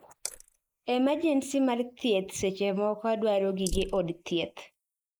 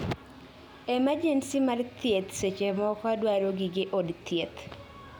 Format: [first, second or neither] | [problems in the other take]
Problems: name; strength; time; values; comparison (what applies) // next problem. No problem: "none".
second | noise reduction (neural mask model Resemble Enhance denoiser)